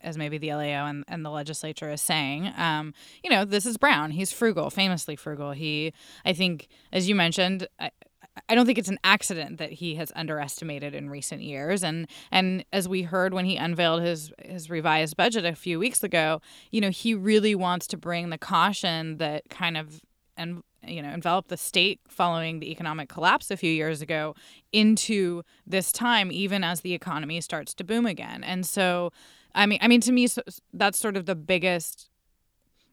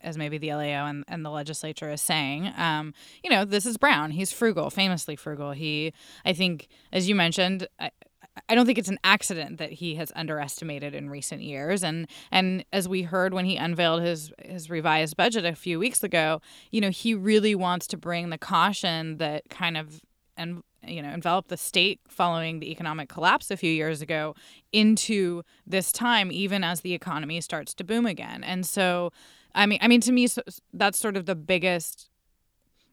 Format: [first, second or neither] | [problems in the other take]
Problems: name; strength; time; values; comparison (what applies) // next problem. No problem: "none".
neither | none